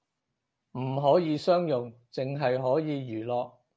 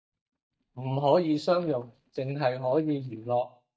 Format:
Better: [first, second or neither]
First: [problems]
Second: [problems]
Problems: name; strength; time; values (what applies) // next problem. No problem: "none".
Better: first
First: none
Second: noise reduction (neural mask model DeepFilterNet 3)